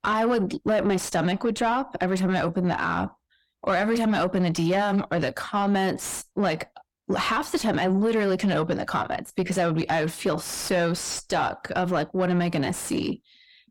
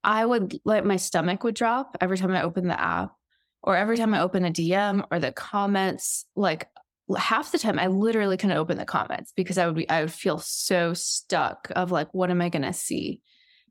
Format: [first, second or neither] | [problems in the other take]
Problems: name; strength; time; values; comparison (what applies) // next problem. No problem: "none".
second | distortion; slight; 10 dB below the speech